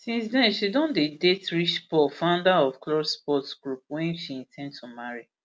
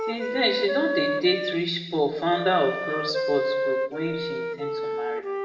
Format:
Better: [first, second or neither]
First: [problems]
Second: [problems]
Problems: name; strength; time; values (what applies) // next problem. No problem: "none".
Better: first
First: none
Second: background sound (Wind instrument, woodwind instrument); 2 dB below the speech // room echo; dies away in 1 s